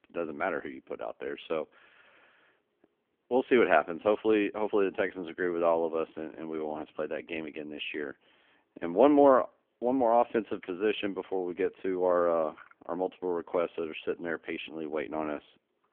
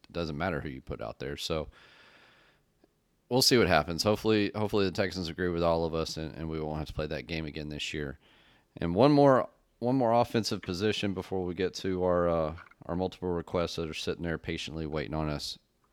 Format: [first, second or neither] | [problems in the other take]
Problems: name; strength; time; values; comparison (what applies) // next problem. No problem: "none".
second | phone-call audio; poor line; nothing above 3.5 kHz